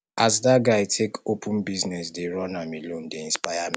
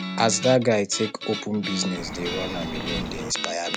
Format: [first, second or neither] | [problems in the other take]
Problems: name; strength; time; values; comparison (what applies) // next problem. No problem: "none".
first | background sound (Bird + Guitar); 6 dB below the speech